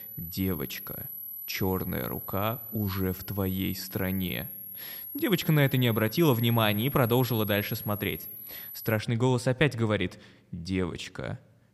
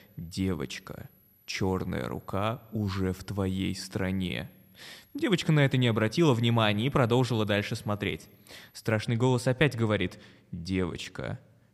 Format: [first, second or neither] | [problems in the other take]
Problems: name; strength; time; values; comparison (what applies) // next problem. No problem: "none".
second | high-pitched whine; loud; until 9 s; 11.5 kHz, 9 dB below the speech; faint in the second